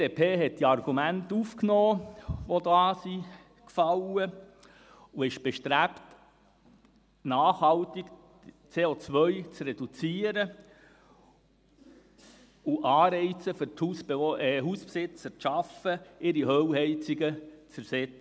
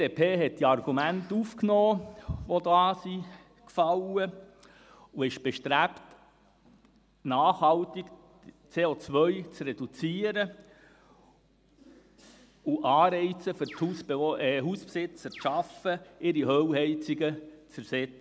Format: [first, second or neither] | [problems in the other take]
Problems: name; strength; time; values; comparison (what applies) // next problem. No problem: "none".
first | background sound (Bird); 19 dB below the speech